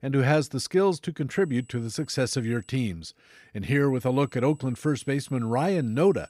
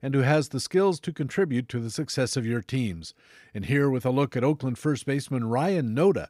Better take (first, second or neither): second